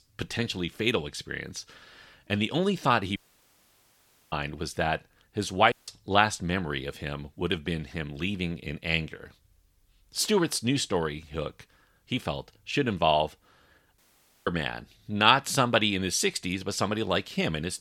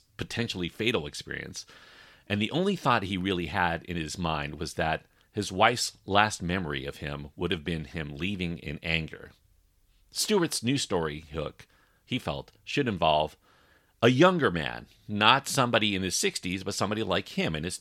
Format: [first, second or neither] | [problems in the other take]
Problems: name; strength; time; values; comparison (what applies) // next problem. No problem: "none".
second | audio cutting out; at 3 s for 1 s, at 5.5 s and at 14 s